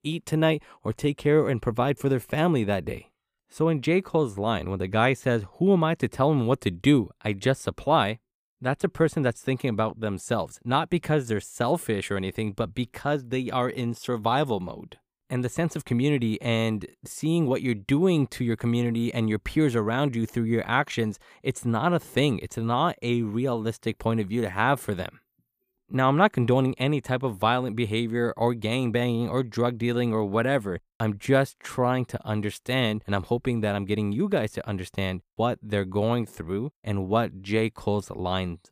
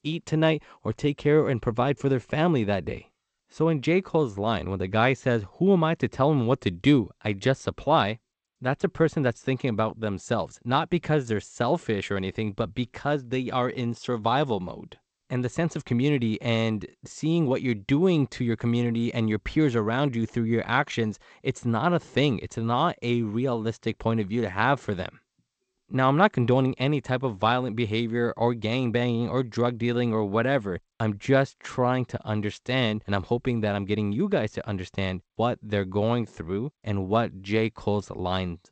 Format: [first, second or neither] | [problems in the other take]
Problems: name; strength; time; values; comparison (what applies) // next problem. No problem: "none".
first | garbled, watery; slightly; nothing above 8 kHz